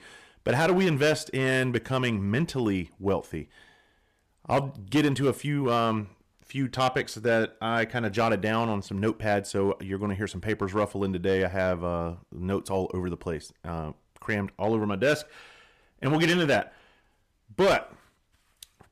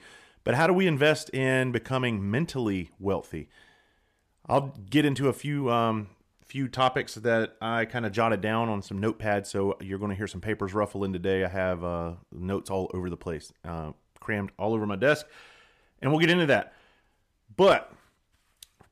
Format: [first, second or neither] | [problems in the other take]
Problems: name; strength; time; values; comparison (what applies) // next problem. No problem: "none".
second | distortion; slight; 4% of the sound clipped